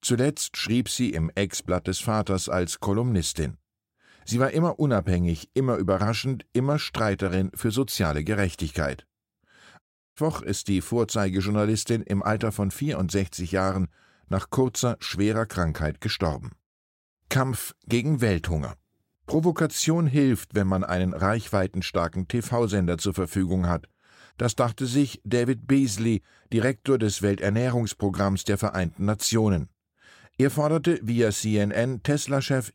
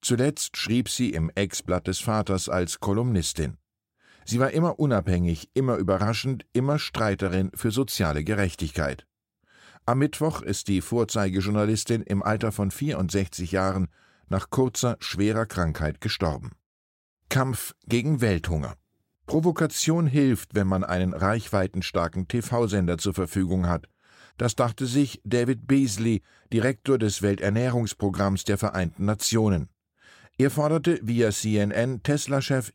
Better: second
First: audio cutting out; at 10 s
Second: none

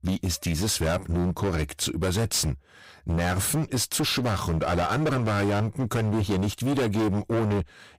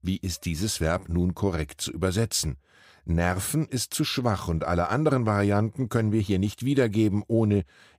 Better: second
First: distortion; heavy; 25% of the sound clipped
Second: none

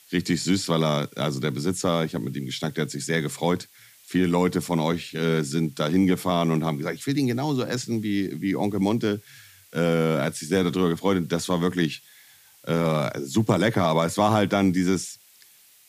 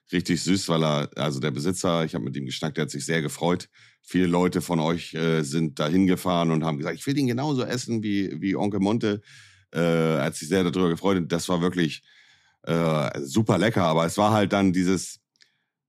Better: second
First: hiss; faint; throughout; 25 dB below the speech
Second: none

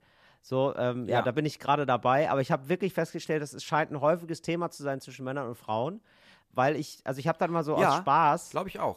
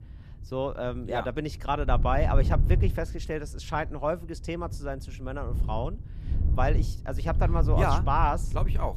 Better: first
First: none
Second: wind noise on the microphone; occasional gusts; 15 dB below the speech

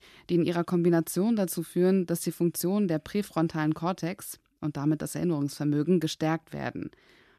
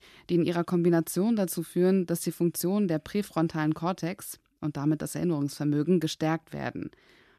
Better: neither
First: none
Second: none

